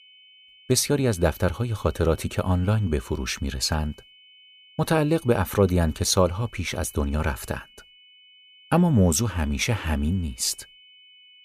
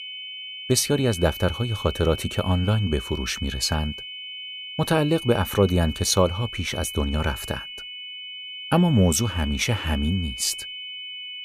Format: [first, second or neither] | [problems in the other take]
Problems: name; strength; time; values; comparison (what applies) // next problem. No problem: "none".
first | high-pitched whine; loud; throughout; 3 kHz, 10 dB below the speech; faint in the first